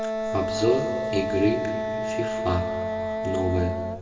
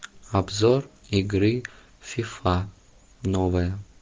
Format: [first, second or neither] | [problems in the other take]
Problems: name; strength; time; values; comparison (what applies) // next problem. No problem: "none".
second | background sound (Wind instrument, woodwind instrument); 1 dB below the speech // room echo; dies away in 2 s